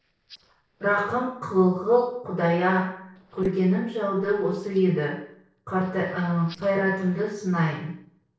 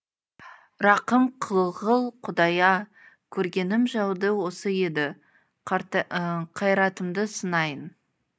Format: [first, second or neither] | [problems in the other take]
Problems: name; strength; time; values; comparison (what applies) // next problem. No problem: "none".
second | noise reduction (neural separator model SepFormer DNS4)